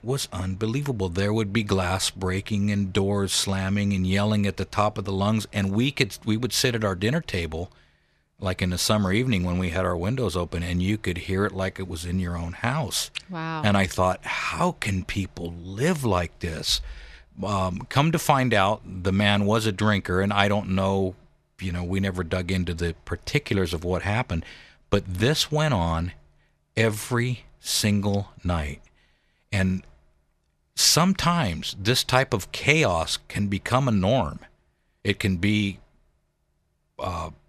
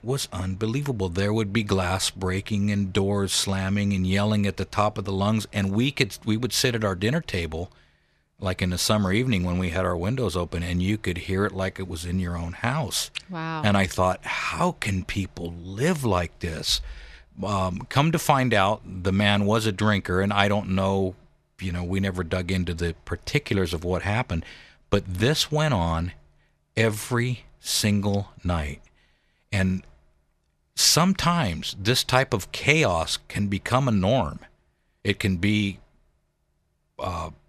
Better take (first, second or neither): neither